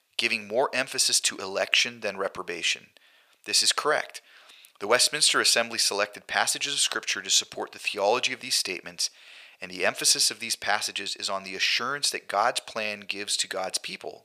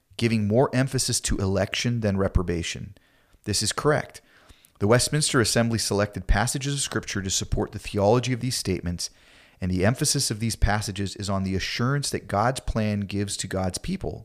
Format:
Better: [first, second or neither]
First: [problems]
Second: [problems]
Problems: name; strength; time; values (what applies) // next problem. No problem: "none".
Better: second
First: thin; very; fading below 600 Hz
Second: none